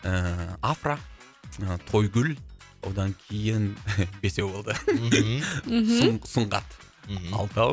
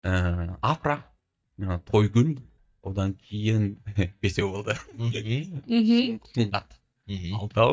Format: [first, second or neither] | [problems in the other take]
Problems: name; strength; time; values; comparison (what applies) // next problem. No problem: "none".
first | noise reduction (neural mask model DeepFilterNet 3)